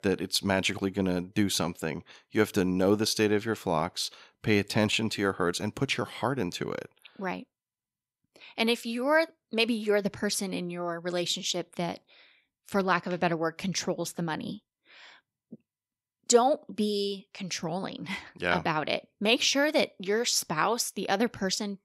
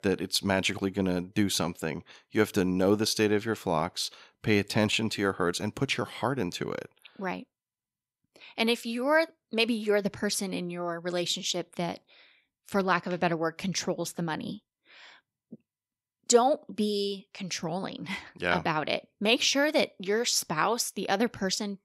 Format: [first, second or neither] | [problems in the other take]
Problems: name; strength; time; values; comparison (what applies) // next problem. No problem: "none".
neither | none